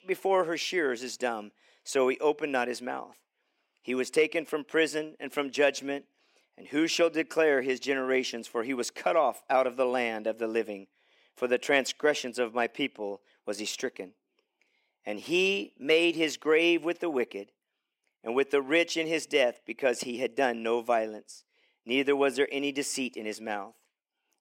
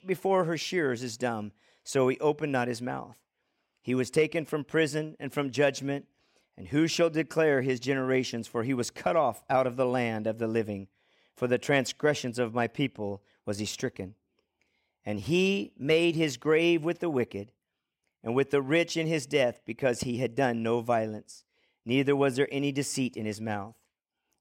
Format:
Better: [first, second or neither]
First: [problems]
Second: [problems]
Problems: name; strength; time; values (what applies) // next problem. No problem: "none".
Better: second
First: thin; very slightly; fading below 300 Hz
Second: none